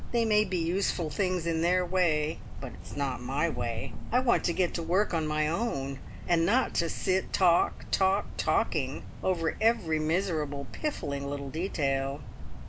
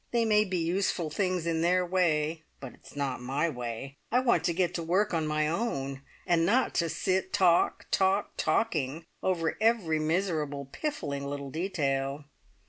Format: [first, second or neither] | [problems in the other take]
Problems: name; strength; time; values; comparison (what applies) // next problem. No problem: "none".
second | background sound (Cricket); 6 dB below the speech